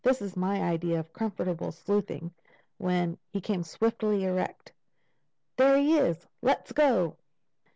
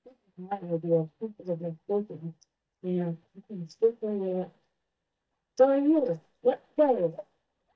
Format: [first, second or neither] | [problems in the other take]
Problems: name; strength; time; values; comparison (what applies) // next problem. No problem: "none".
first | noise reduction (neural mask model DeepFilterNet 3)